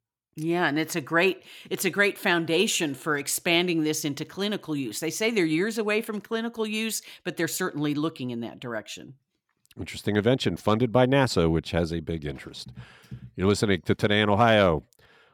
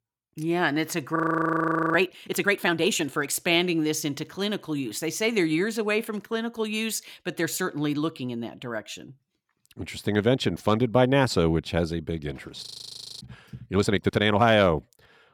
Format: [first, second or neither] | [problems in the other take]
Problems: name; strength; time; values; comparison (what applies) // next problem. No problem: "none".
first | audio freezing; at 1 s for 1 s and at 13 s for 0.5 s